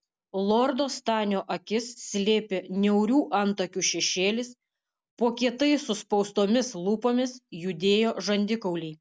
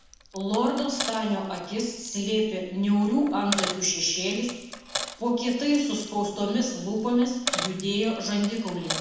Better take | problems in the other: first | background sound (Coin (dropping)); 10 dB below the speech // room echo; dies away in 1 s

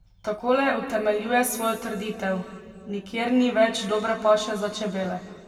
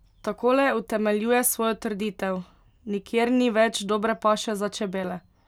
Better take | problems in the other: second | room echo; dies away in 2 s

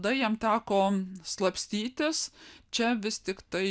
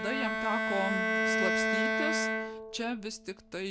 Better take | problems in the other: first | background sound (Bowed string instrument); 5 dB above the speech

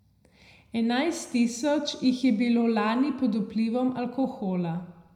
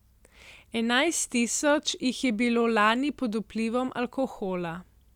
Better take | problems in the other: second | room echo; dies away in 0.8 s

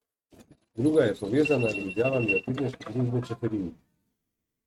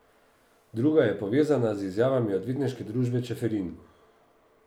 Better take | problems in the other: second | noise reduction (neural mask model RNNoise)

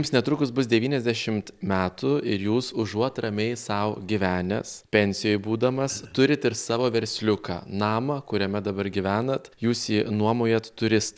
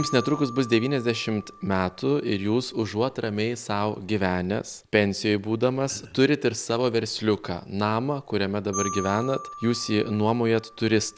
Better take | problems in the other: first | background sound (Marimba, xylophone); 17 dB below the speech

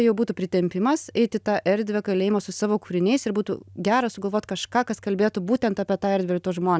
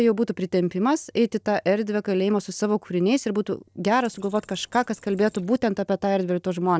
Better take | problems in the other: first | noise reduction (neural separator model SepFormer DNS4)

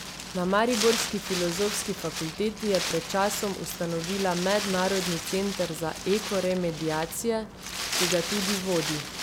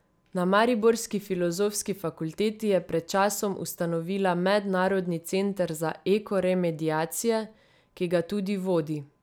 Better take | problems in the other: second | background sound (Wind); 5 dB below the speech

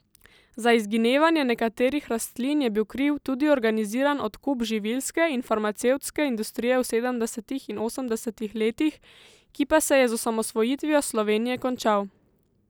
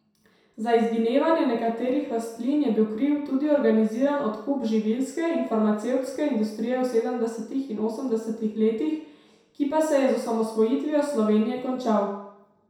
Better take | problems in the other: first | room echo; dies away in 0.7 s

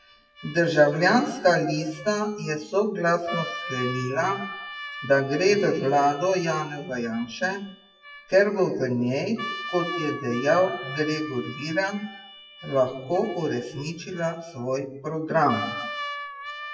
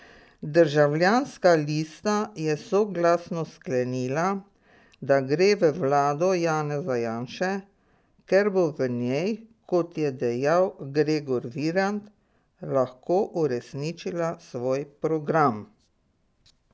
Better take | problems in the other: second | noise reduction (classical method WPE with log-MMSE)

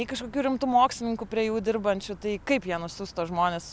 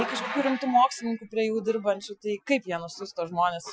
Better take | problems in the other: first | noise reduction (classical method Wiener filter)

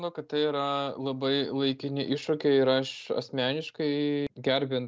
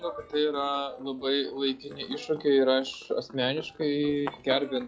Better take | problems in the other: first | noise reduction (classical method log-MMSE)

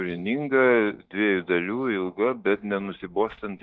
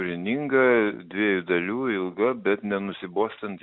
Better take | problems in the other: second | noise reduction (neural mask model DeepFilterNet 3)

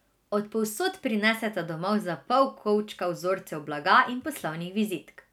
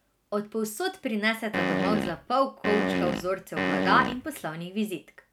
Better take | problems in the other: first | background sound (Fart); 1 dB above the speech

